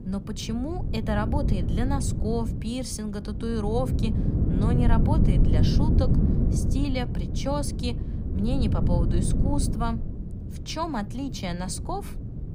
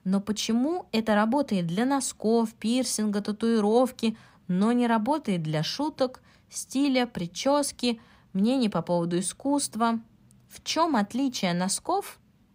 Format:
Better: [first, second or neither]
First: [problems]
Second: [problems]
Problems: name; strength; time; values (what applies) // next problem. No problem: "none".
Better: second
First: wind noise on the microphone; heavy; 4 dB below the speech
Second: none